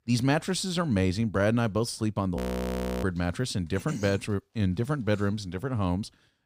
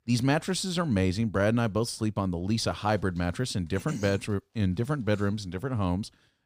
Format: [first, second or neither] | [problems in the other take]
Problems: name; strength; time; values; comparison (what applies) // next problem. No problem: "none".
second | audio freezing; at 2.5 s for 0.5 s